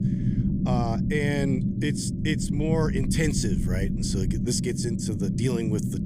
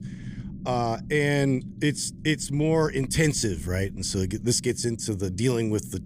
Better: second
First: low rumble; loud; throughout; 5 dB below the speech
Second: low rumble; faint; throughout; 20 dB below the speech

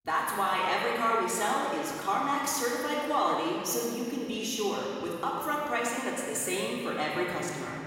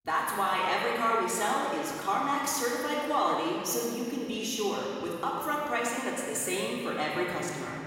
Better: neither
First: room echo; strong; dies away in 2.8 s // off-mic speech; far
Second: room echo; strong; dies away in 2.8 s // off-mic speech; far

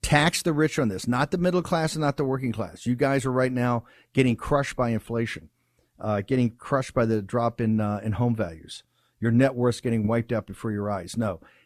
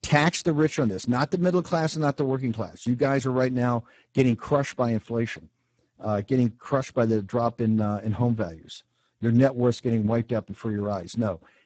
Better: first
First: none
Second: garbled, watery; badly; nothing above 8 kHz

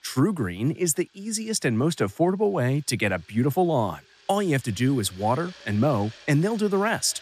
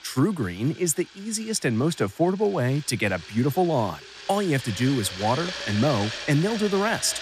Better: first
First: household noises; faint; throughout; 25 dB below the speech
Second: household noises; loud; throughout; 10 dB below the speech

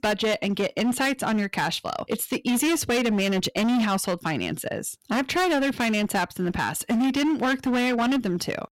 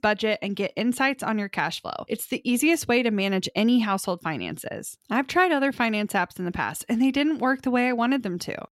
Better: second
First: distortion; heavy; 21% of the sound clipped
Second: none

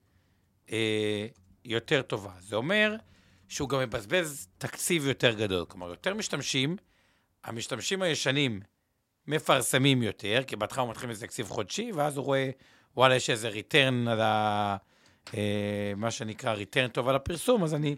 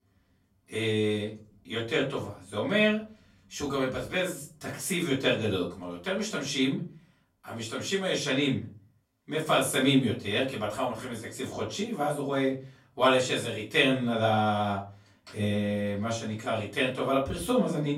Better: first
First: none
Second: room echo; slight; dies away in 0.3 s // off-mic speech; far

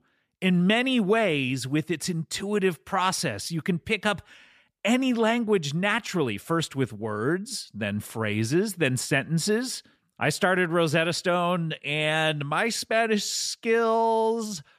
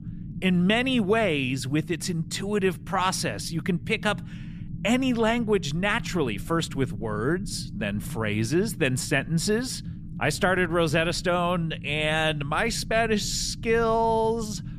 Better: first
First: none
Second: low rumble; faint; throughout; 20 dB below the speech

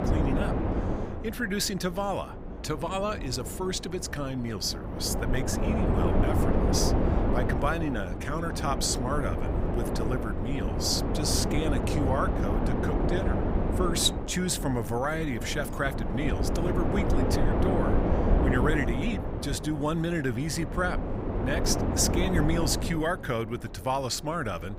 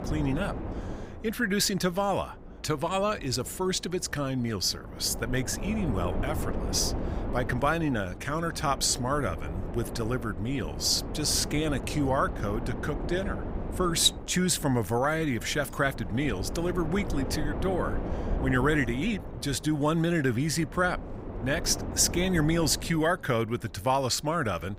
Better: second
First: wind noise on the microphone; heavy; 2 dB below the speech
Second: wind noise on the microphone; occasional gusts; 10 dB below the speech

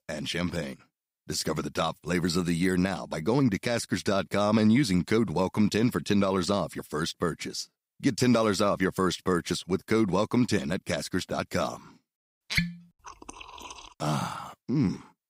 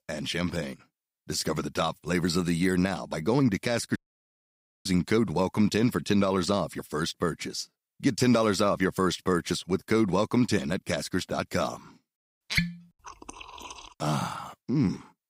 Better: first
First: none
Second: audio cutting out; at 4 s for 1 s

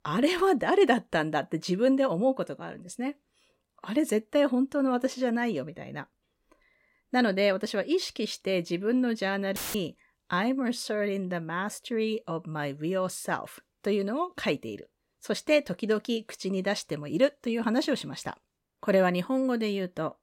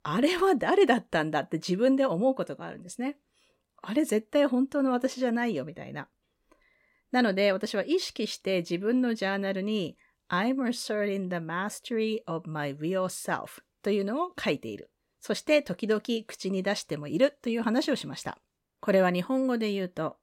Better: second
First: audio cutting out; filled with static; at 9.5 s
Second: none

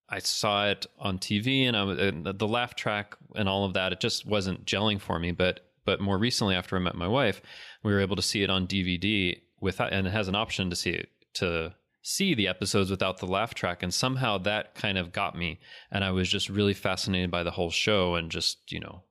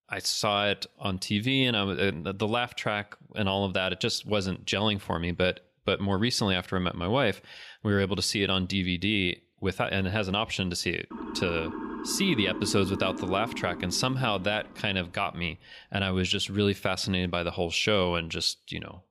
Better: first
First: none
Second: siren; noticeable; from 11 to 15 s; peak 8 dB below the speech

